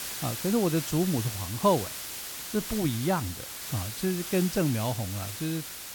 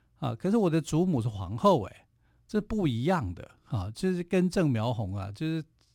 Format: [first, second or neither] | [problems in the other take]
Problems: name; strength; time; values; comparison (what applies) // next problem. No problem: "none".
second | hiss; loud; throughout; 6 dB below the speech